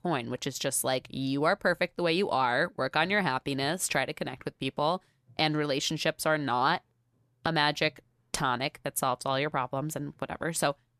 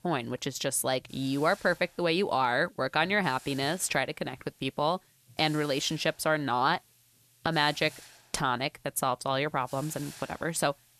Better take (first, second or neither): first